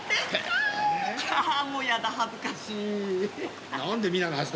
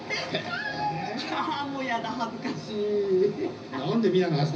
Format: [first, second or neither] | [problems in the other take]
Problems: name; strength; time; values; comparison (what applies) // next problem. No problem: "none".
first | room echo; dies away in 0.4 s